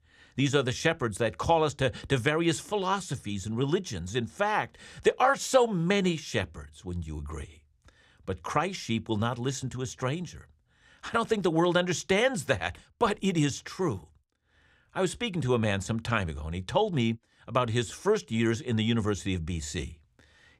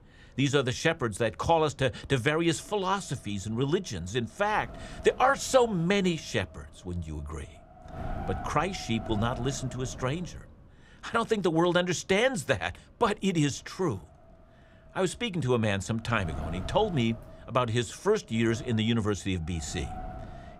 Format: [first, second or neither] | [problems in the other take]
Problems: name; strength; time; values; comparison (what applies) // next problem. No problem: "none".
first | wind noise on the microphone; occasional gusts; 15 dB below the speech